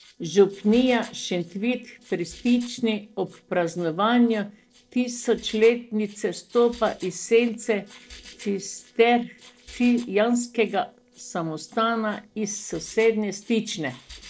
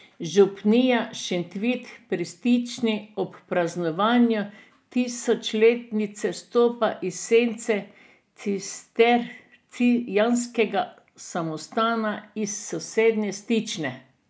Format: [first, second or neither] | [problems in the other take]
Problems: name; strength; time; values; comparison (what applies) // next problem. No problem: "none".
second | noise reduction (neural separator model SepFormer DNS4)